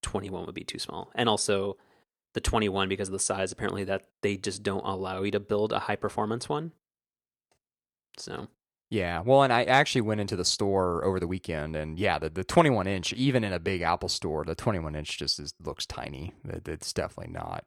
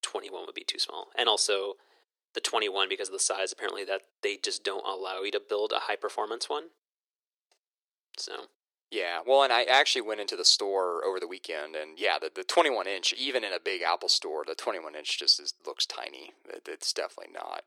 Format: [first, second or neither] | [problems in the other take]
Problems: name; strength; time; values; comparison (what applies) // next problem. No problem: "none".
first | thin; very; fading below 350 Hz